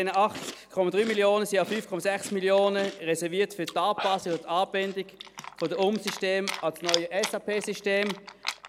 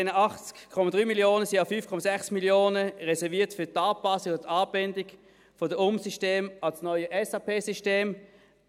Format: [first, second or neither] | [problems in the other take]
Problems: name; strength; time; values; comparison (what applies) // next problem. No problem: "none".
second | background sound (Chewing, mastication); 12 dB below the speech